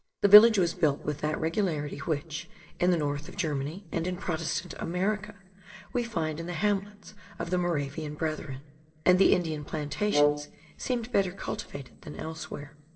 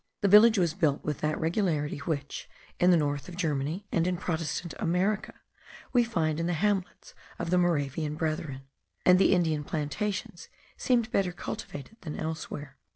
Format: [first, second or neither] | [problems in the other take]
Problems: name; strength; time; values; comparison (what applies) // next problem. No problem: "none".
second | noise reduction (neural separator model SepFormer DNS4)